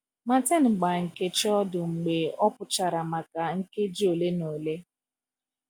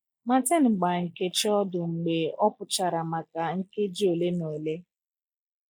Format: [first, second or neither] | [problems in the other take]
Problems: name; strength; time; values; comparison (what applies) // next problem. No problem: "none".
first | noise reduction (neural mask model Resemble Enhance denoiser)